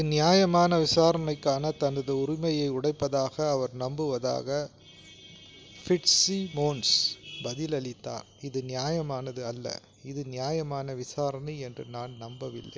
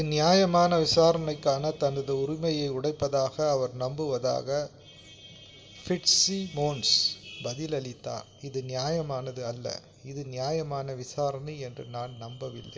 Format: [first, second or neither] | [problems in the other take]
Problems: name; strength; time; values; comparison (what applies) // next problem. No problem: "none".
first | room echo; dies away in 1.6 s